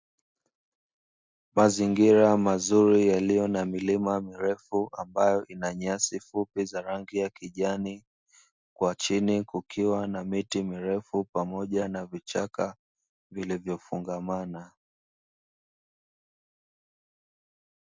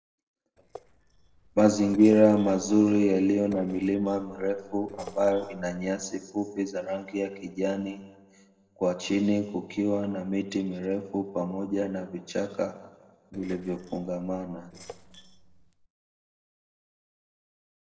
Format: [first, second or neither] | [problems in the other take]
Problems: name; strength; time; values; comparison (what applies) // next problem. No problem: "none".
first | noise reduction (neural separator model SepFormer DNS4)